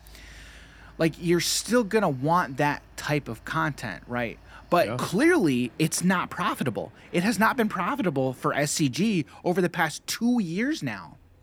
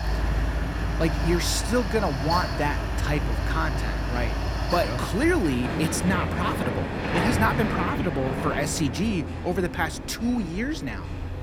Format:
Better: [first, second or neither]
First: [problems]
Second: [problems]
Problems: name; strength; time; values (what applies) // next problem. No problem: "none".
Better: first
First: machinery noise; faint; throughout; 25 dB below the speech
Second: machinery noise; loud; throughout; 1 dB below the speech